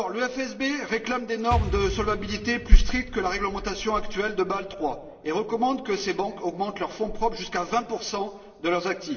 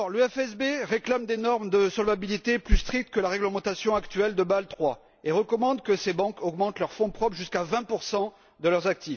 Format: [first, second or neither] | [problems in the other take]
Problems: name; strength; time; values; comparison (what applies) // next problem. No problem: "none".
second | background sound (Explosion); 13 dB below the speech // room echo; dies away in 2 s